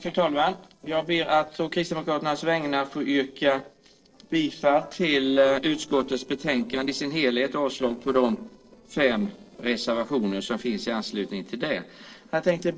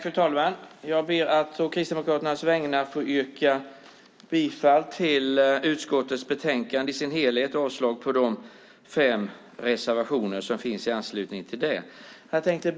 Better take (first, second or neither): second